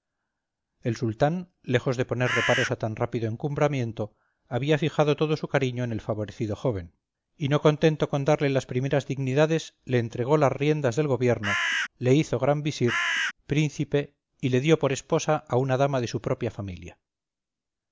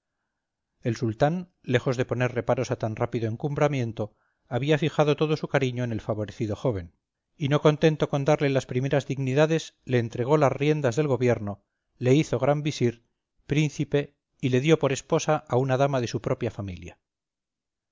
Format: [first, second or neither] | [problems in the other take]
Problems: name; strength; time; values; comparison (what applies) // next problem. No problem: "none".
second | background sound (Bird); as loud as the speech